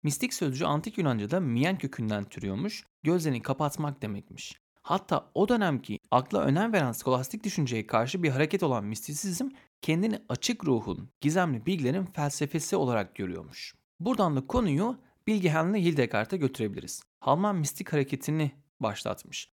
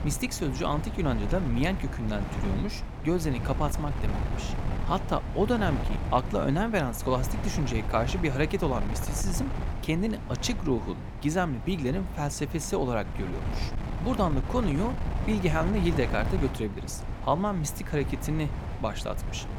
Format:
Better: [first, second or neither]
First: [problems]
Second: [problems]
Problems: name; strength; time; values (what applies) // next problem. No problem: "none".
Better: first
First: none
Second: wind noise on the microphone; heavy; 9 dB below the speech